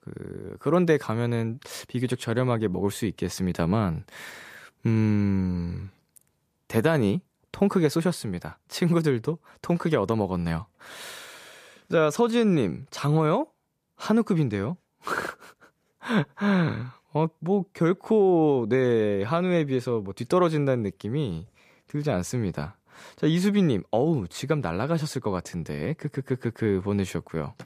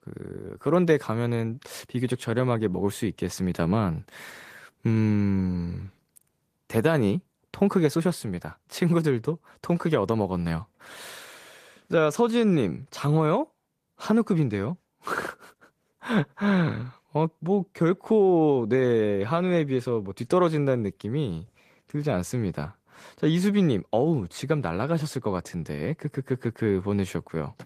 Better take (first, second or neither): first